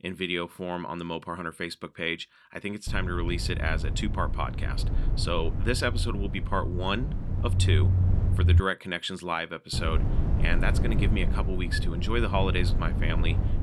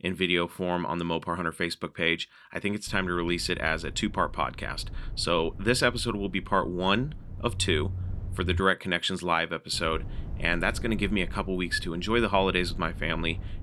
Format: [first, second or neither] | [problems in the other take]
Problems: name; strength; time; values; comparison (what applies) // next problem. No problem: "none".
second | low rumble; loud; from 3 to 8.5 s and from 9.5 s on; 10 dB below the speech; faint in the second